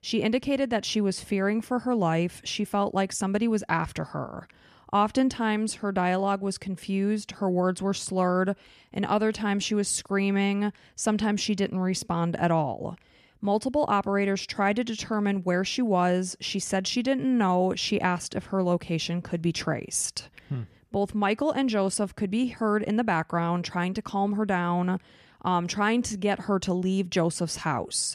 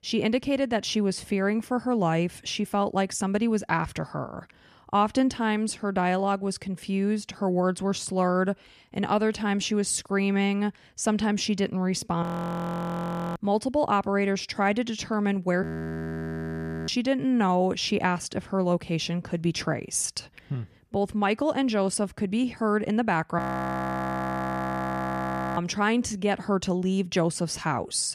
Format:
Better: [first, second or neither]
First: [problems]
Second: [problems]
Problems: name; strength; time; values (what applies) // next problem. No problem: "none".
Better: first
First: none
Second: audio freezing; at 12 s for 1 s, at 16 s for 1 s and at 23 s for 2 s